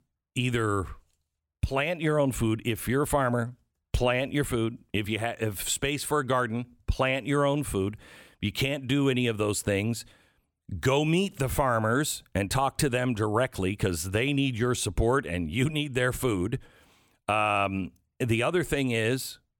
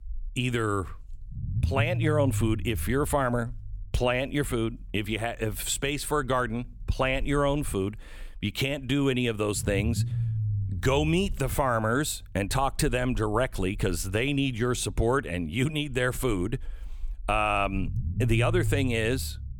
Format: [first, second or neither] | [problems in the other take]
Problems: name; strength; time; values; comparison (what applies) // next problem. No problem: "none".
first | low rumble; noticeable; throughout; 20 dB below the speech